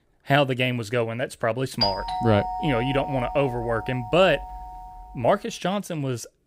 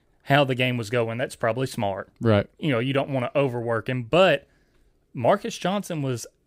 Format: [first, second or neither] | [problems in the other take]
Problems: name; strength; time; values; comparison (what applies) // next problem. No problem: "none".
second | doorbell; noticeable; from 2 to 5 s; peak level with the speech